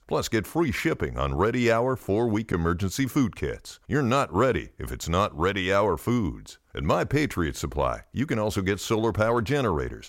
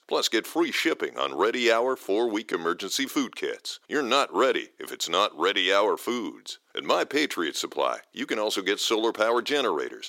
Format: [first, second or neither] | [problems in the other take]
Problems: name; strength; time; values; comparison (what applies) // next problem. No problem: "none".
first | thin; somewhat; fading below 300 Hz